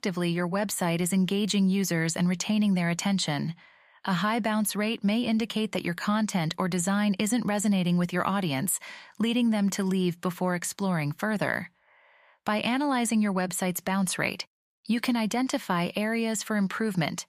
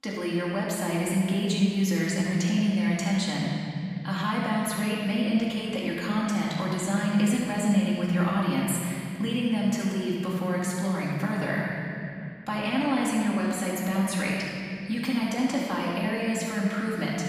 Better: first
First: none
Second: off-mic speech; far // room echo; strong; dies away in 3 s

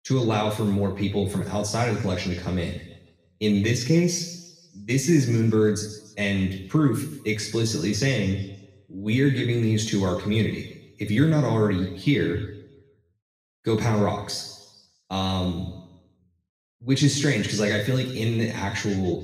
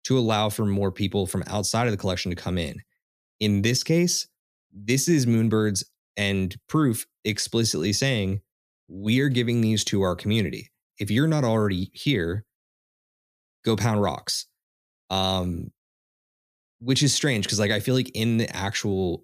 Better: second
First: room echo; noticeable; dies away in 1 s // off-mic speech; far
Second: none

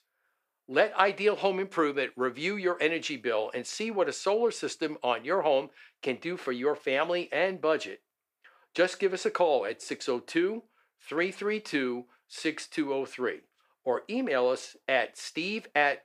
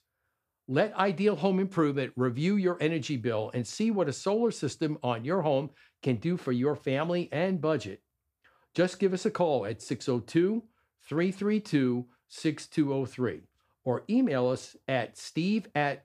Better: second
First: thin; somewhat; fading below 450 Hz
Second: none

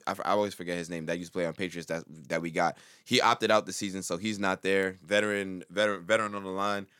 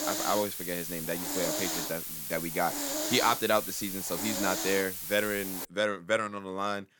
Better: first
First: none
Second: hiss; loud; until 5.5 s; 2 dB below the speech

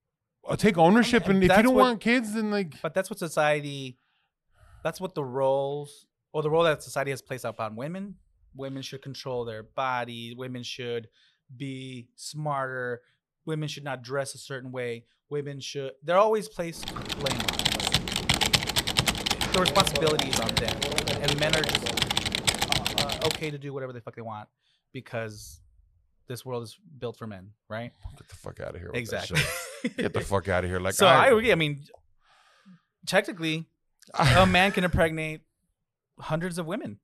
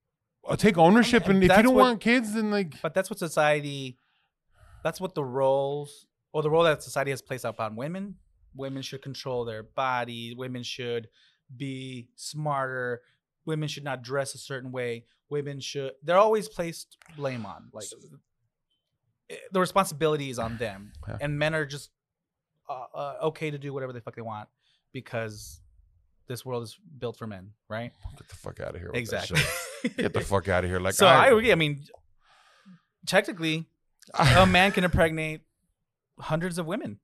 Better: second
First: keyboard typing; loud; from 17 to 23 s; peak 5 dB above the speech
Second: none

